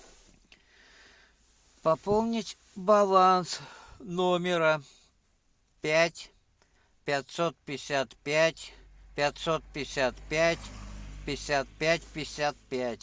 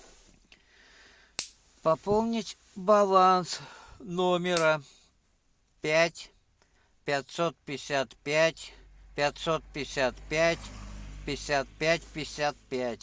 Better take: first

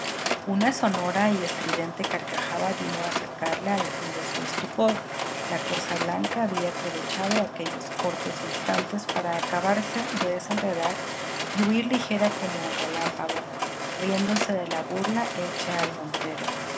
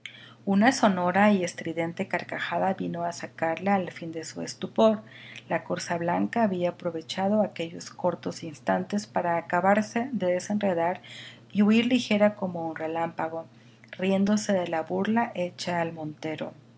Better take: second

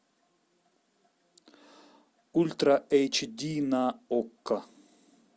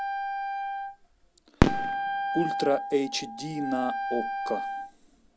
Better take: first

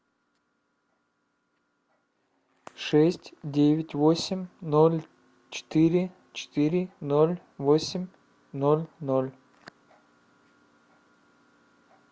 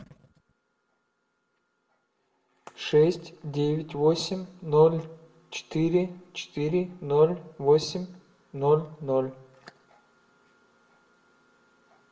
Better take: first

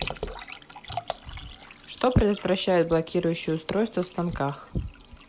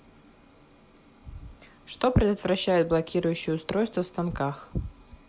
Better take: second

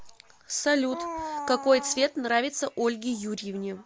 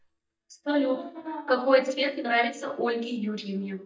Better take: first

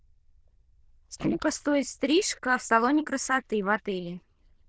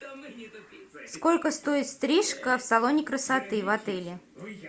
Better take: second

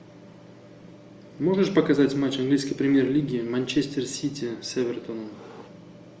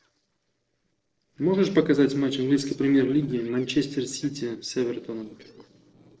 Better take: first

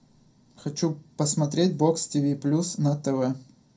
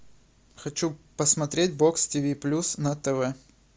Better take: second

